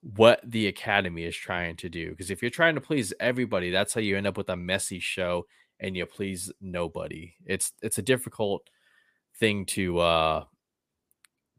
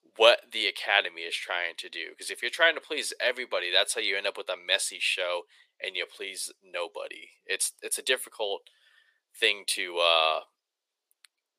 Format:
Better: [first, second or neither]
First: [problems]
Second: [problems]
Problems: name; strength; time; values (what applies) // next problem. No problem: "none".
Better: first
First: none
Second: thin; very; fading below 450 Hz